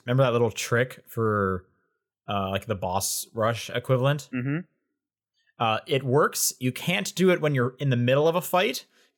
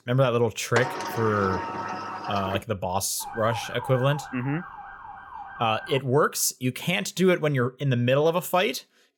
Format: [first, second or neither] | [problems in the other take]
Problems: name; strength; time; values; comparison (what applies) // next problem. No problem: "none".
first | door banging; noticeable; from 1 to 2.5 s; peak 4 dB below the speech // siren; noticeable; from 3 to 6 s; peak 10 dB below the speech